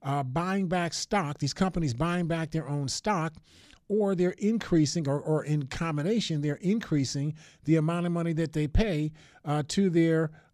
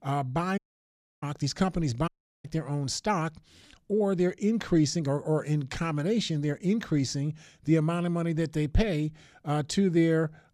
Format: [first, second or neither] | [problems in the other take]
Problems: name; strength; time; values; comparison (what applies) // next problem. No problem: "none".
first | audio cutting out; at 0.5 s for 0.5 s and at 2 s